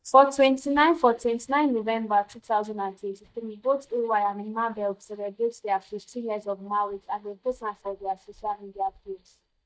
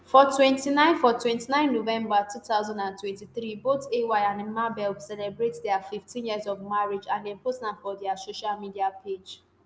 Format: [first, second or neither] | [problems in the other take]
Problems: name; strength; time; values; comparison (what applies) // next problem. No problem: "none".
second | noise reduction (neural mask model DeepFilterNet 3)